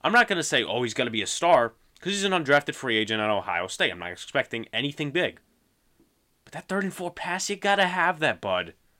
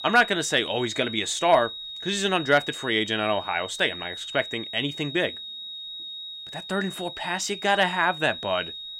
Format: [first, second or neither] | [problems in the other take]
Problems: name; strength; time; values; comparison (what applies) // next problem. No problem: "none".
first | high-pitched whine; loud; throughout; 4 kHz, 10 dB below the speech